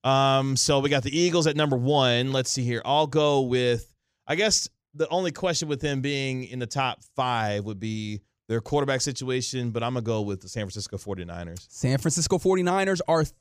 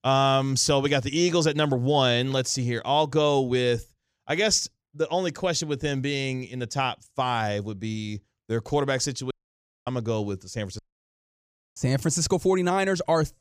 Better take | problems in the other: first | audio cutting out; at 9.5 s for 0.5 s and at 11 s for 1 s

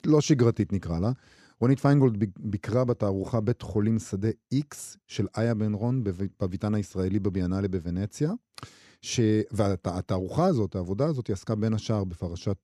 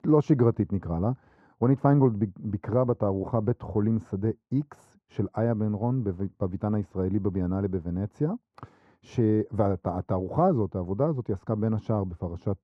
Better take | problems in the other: first | muffled; very; fading above 2.5 kHz

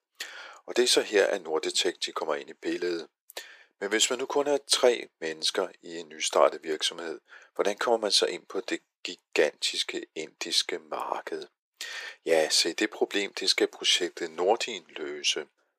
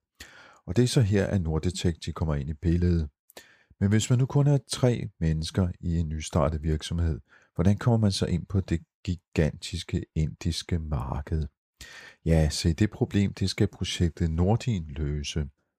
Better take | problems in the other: second | thin; very; fading below 350 Hz

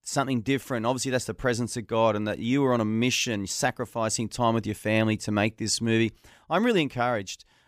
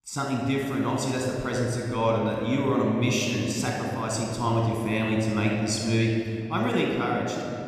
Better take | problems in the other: first | off-mic speech; somewhat distant // room echo; noticeable; dies away in 2.6 s

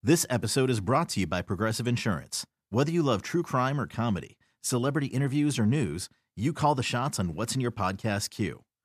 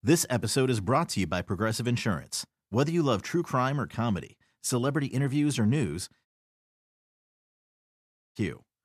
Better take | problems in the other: first | audio cutting out; at 6.5 s for 2 s

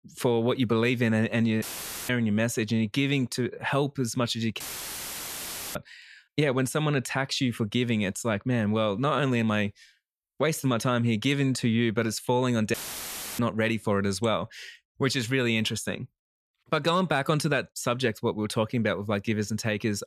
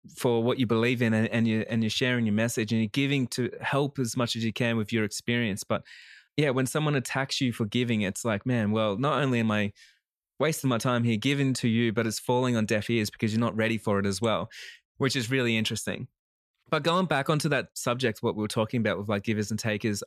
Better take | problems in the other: second | audio cutting out; filled with static; at 1.5 s, at 4.5 s for 1 s and at 13 s for 0.5 s

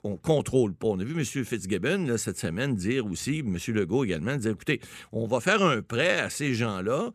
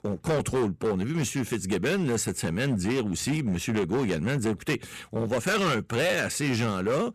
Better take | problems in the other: first | distortion; heavy; 15% of the sound clipped

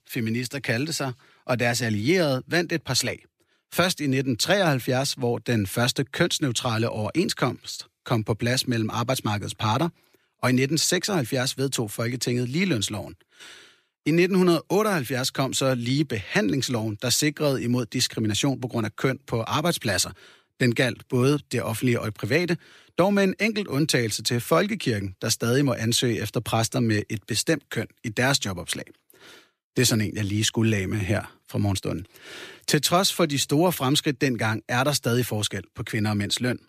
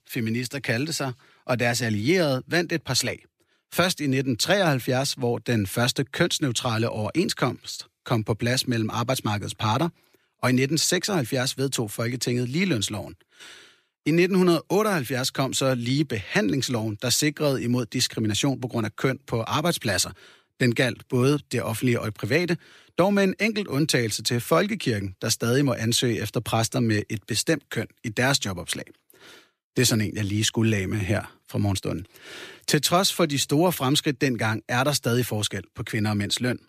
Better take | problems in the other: neither | none

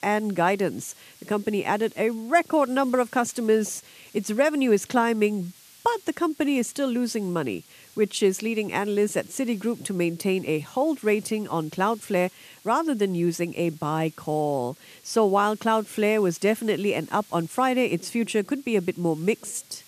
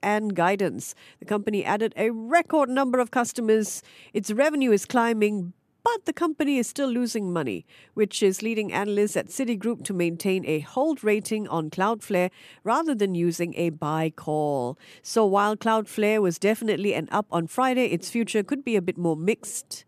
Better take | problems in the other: second | hiss; faint; throughout; 25 dB below the speech

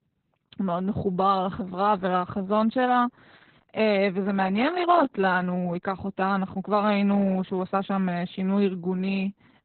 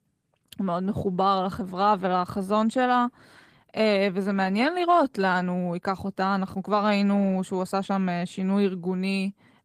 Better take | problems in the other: second | garbled, watery; badly; nothing above 4 kHz; slightly in the second

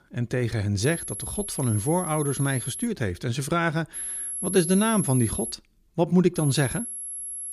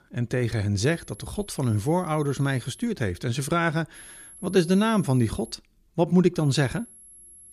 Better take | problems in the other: second | high-pitched whine; loud; from 1 to 3 s, from 4 to 5.5 s and from 6.5 s on; 11 kHz, 6 dB below the speech; faint in the second

